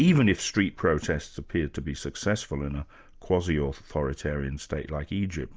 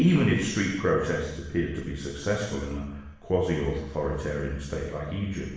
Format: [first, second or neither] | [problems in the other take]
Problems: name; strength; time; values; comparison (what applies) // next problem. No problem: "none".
first | room echo; dies away in 0.9 s